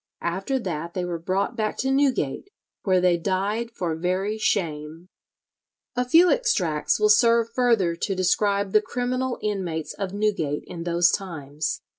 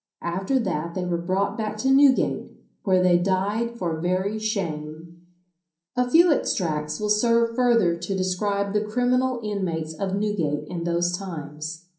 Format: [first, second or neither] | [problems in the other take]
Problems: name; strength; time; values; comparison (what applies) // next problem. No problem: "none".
first | room echo; dies away in 0.6 s